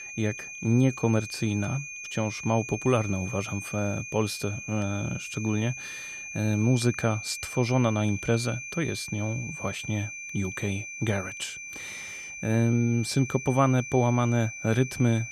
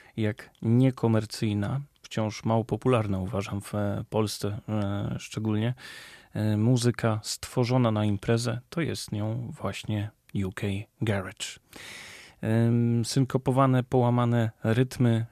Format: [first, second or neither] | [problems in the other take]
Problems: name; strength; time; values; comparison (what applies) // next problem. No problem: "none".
second | high-pitched whine; loud; throughout; 2.5 kHz, 9 dB below the speech